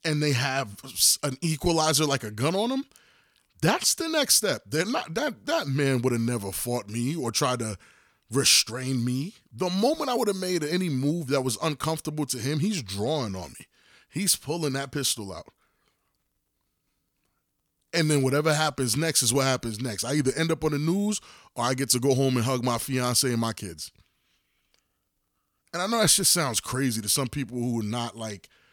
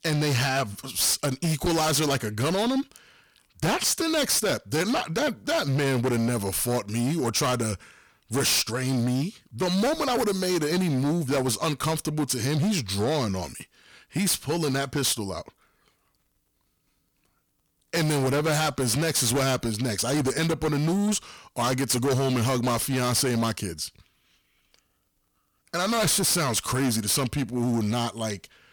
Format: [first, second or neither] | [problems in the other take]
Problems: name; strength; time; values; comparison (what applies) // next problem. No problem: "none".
first | distortion; heavy; 18% of the sound clipped